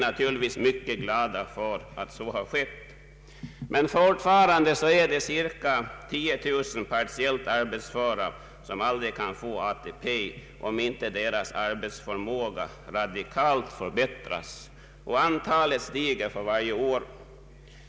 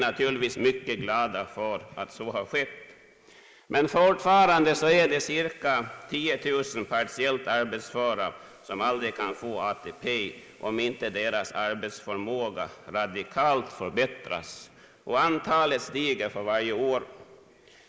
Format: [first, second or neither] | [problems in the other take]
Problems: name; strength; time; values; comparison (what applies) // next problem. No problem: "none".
first | noise reduction (neural mask model Resemble Enhance denoiser)